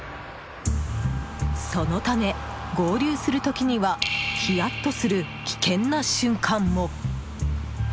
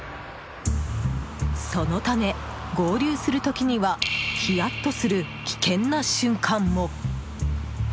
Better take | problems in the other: second | background sound (Sliding door + Wind instrument, woodwind instrument); 20 dB below the speech

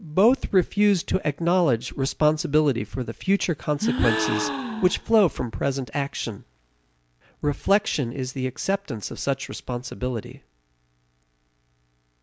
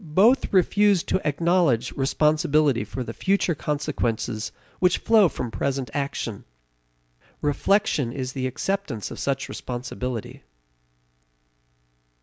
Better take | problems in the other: second | background sound (Gasp); 6 dB below the speech

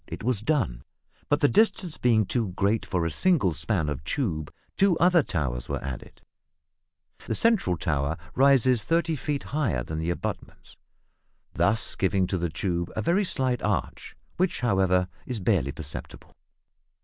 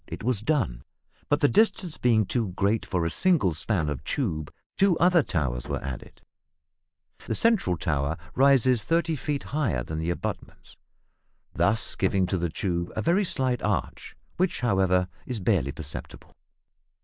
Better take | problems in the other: first | noise reduction (neural mask model Resemble Enhance denoiser)

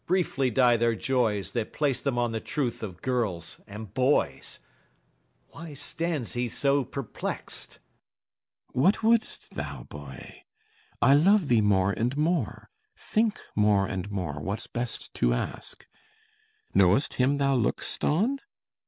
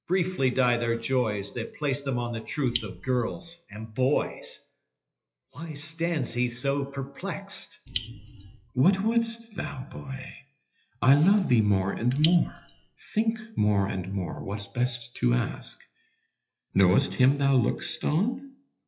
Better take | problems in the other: first | noise reduction (classical method WPE with log-MMSE)

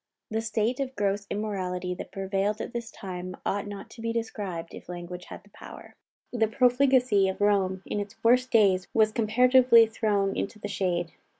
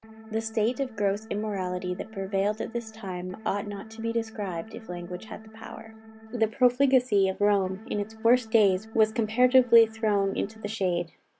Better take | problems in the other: first | background sound (Organ); 18 dB below the speech

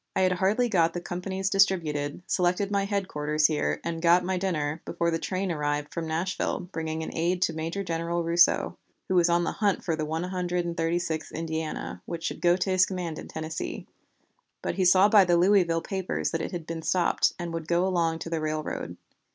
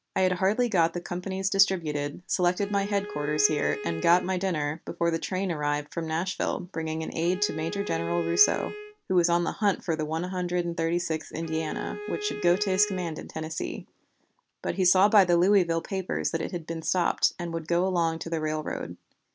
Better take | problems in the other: first | background sound (Bowed string instrument); 11 dB below the speech

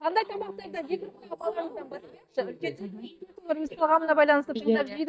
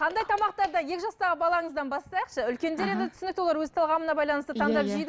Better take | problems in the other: second | noise reduction (neural mask model DeepFilterNet 3)

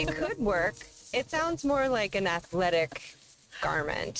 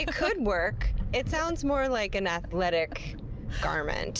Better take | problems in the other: second | noise reduction (neural mask model RNNoise)

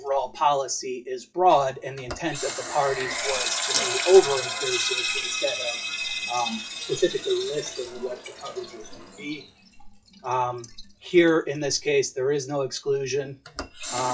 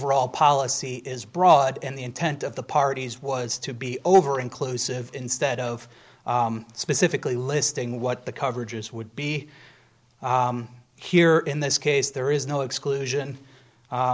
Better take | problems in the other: second | noise reduction (classical method WPE with log-MMSE)

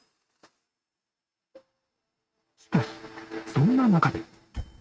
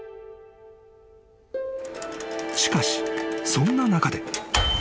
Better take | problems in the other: second | noise reduction (neural mask model RNNoise)

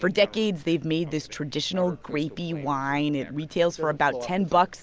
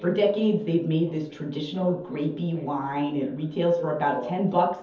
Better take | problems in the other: first | room echo; dies away in 0.5 s

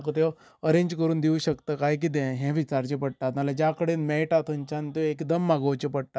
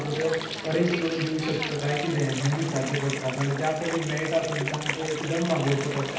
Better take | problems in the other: first | background sound (Water); 6 dB below the speech // room echo; dies away in 0.9 s

